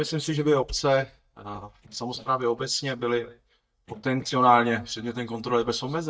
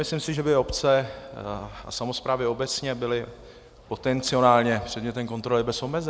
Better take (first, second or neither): second